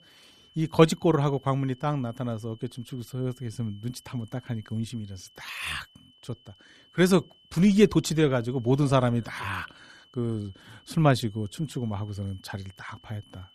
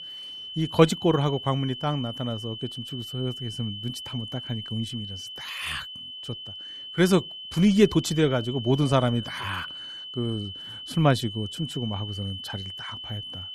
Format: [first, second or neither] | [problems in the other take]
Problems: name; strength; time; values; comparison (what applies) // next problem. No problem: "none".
first | high-pitched whine; loud; throughout; 3 kHz, 9 dB below the speech; faint in the first